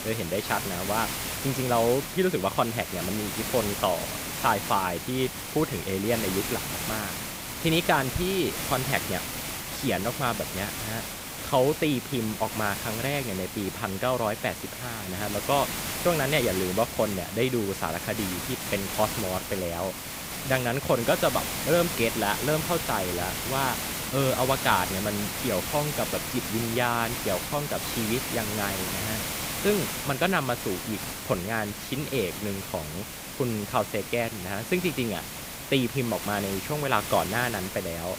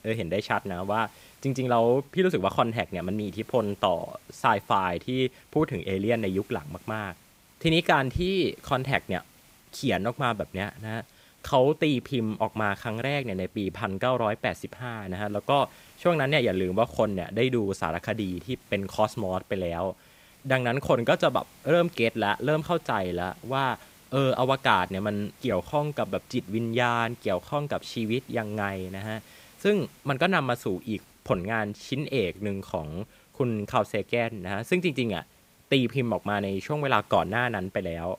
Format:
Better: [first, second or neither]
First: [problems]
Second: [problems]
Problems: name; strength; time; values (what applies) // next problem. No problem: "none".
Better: second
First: hiss; loud; throughout; 4 dB below the speech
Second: hiss; faint; throughout; 25 dB below the speech